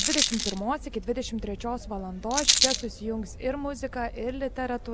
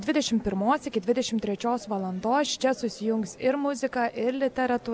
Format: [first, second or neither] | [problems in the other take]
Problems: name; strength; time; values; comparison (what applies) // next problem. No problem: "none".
second | background sound (Rattle); as loud as the speech